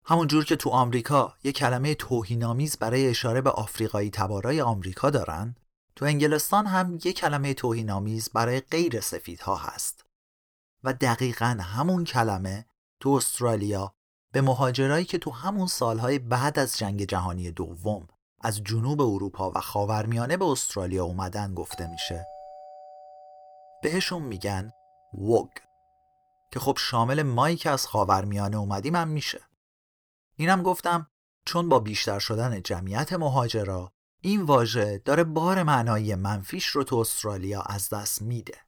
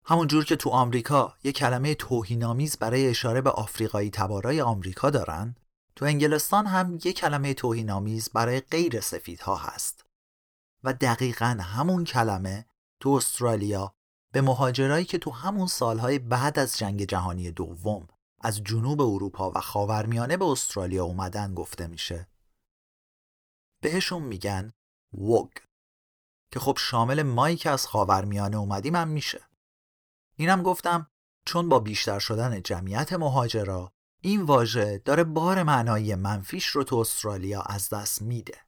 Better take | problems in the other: second | doorbell; faint; from 22 to 24 s; peak 15 dB below the speech

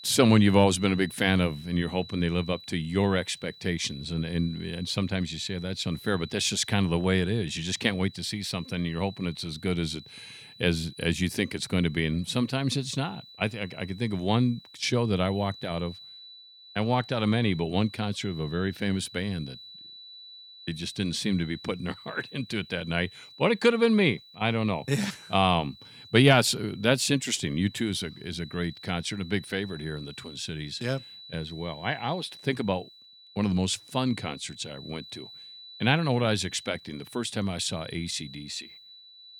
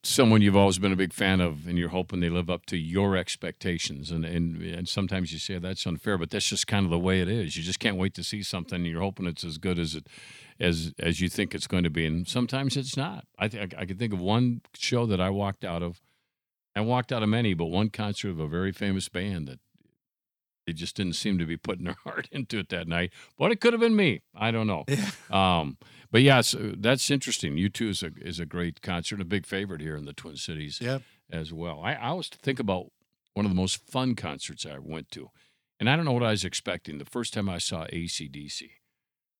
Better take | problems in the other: second | high-pitched whine; noticeable; throughout; 4 kHz, 20 dB below the speech

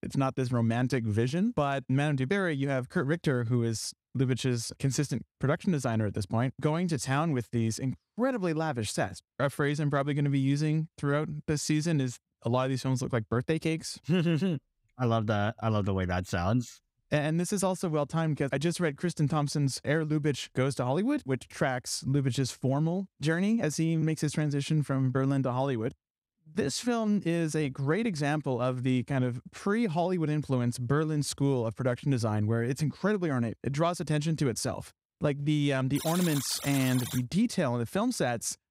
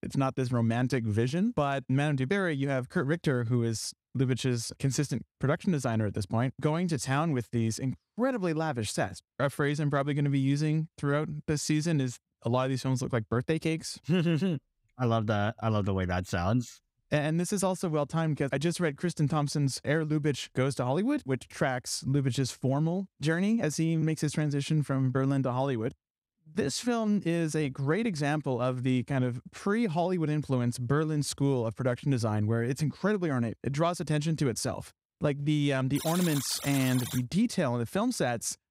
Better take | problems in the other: neither | alarm; noticeable; from 36 to 37 s; peak 6 dB below the speech; the same in both

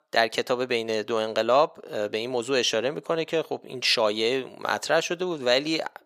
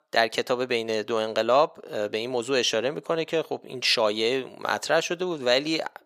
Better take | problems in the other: neither | thin; somewhat; fading below 450 Hz; the same in both

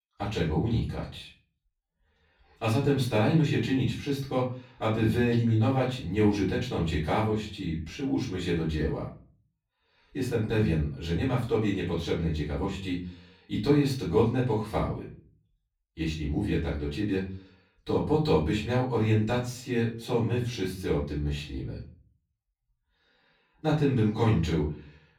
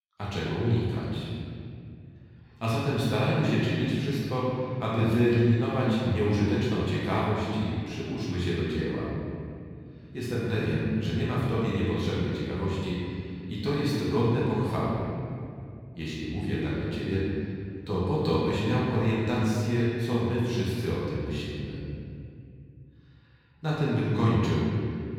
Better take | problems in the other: first | room echo; strong; dies away in 2.5 s; slight in the first // off-mic speech; far; far in the first

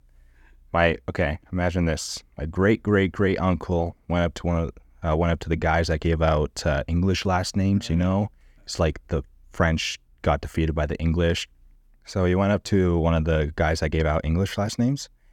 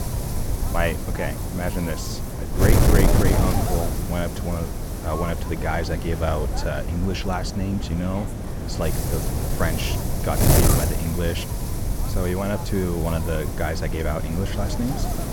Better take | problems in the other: first | wind noise on the microphone; heavy; 2 dB below the speech

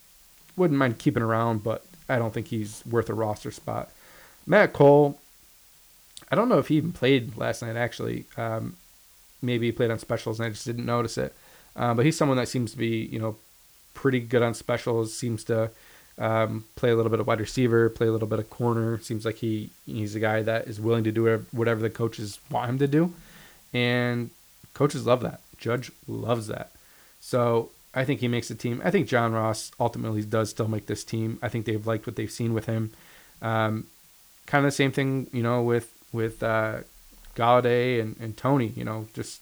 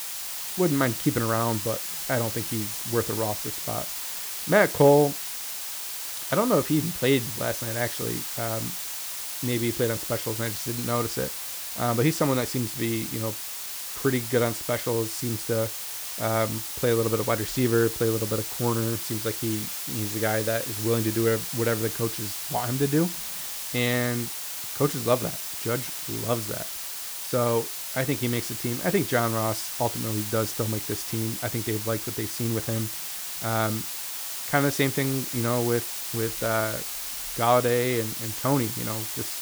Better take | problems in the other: first | hiss; loud; throughout; 3 dB below the speech; faint in the first

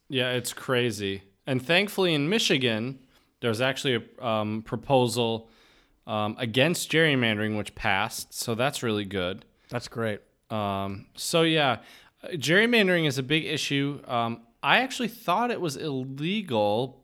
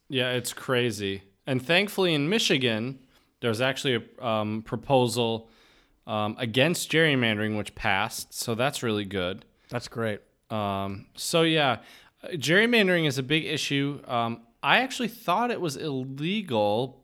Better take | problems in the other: neither | none

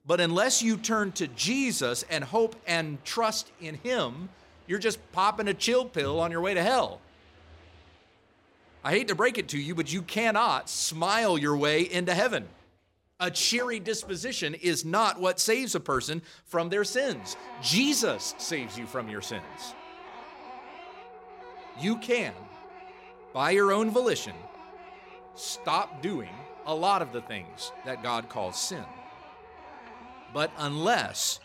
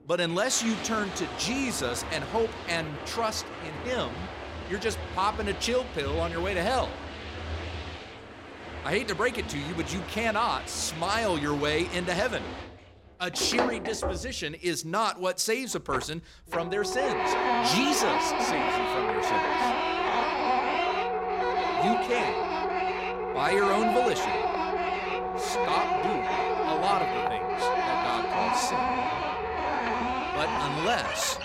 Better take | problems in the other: first | household noises; loud; throughout; as loud as the speech; faint in the first

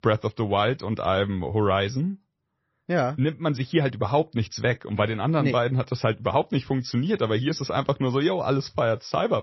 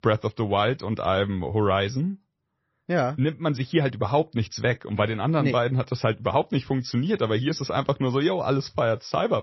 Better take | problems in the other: neither | garbled, watery; slightly; nothing above 5.5 kHz; the same in both

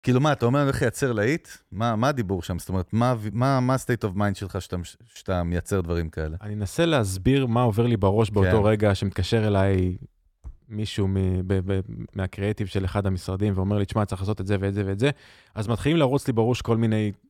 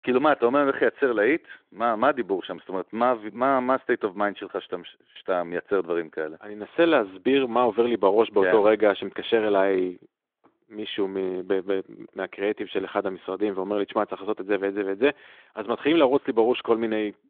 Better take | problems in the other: first | phone-call audio; nothing above 3.5 kHz

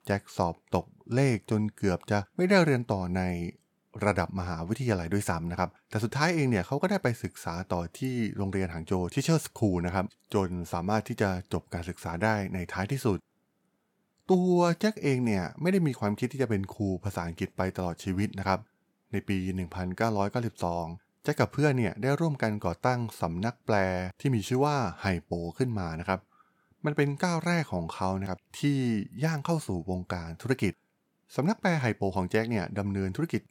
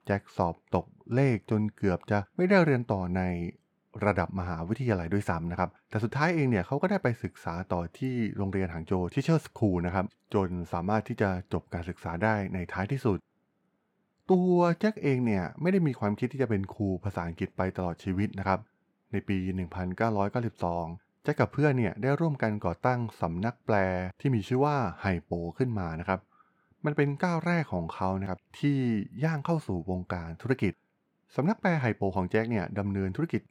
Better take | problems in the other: first | muffled; slightly; fading above 4 kHz

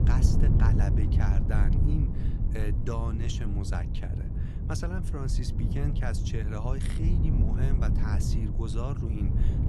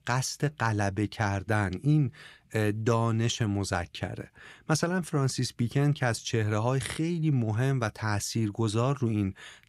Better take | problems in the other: second | wind noise on the microphone; heavy; 1 dB below the speech

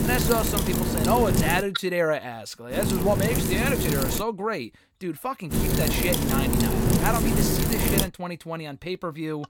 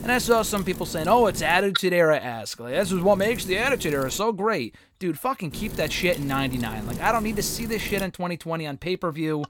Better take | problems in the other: second | wind noise on the microphone; heavy; until 1.5 s, from 2.5 to 4 s and from 5.5 to 8 s; 1 dB below the speech; occasional gusts in the second

